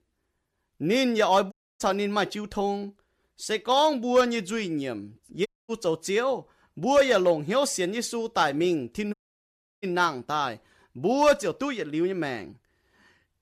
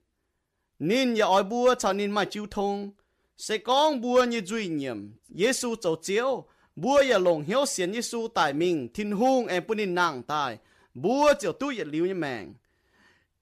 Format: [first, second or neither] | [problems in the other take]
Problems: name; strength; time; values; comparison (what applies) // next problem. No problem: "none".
second | audio cutting out; at 1.5 s, at 5.5 s and at 9 s for 0.5 s